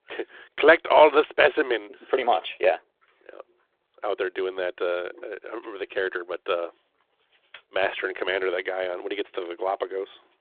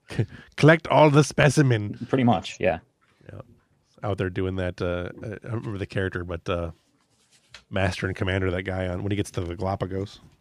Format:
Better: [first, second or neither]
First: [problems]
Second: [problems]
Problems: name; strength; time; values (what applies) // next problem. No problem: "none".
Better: second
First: phone-call audio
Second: none